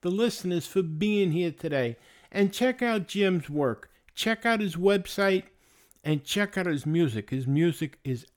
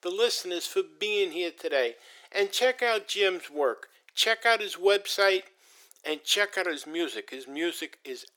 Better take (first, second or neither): first